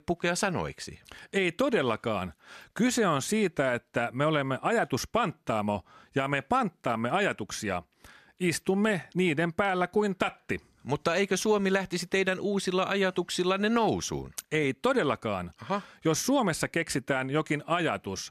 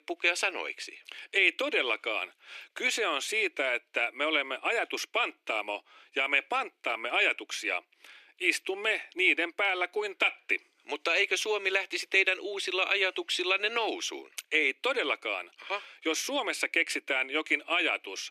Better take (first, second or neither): first